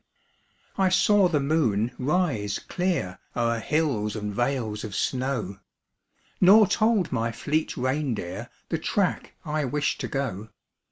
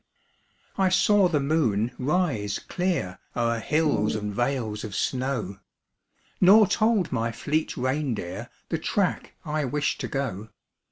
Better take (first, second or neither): first